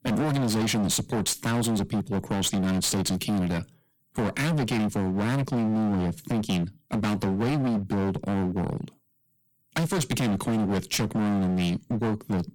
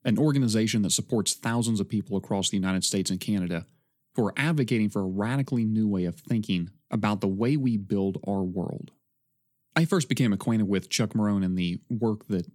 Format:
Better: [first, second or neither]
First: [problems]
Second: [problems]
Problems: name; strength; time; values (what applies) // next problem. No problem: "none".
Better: second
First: distortion; heavy; 34% of the sound clipped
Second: none